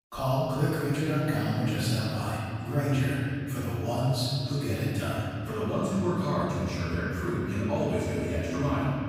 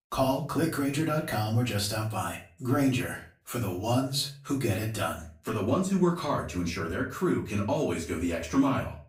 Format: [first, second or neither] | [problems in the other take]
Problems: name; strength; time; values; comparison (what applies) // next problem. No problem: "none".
second | room echo; strong; dies away in 2.8 s; slight in the second // off-mic speech; far; far in the second